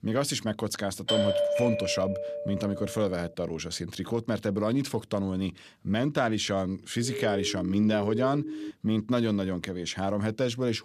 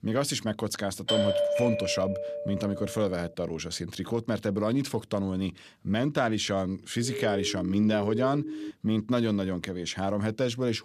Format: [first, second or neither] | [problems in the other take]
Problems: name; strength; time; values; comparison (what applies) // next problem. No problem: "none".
neither | doorbell; loud; from 1 to 3 s; peak 4 dB above the speech; the same in both // siren; noticeable; from 7 to 8.5 s; peak 5 dB below the speech; the same in both